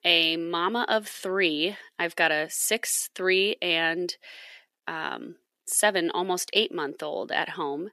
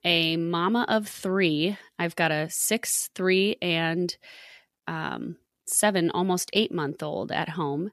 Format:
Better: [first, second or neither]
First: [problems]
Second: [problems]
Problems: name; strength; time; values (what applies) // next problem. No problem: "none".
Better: second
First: thin; somewhat; fading below 400 Hz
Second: none